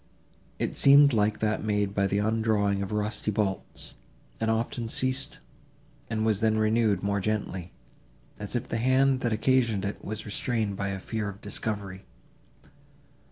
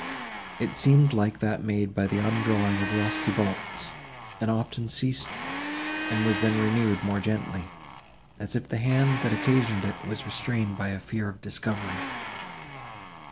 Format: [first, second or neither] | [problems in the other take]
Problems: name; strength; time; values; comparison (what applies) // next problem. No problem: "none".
first | background sound (Domestic sounds, home sounds); 9 dB below the speech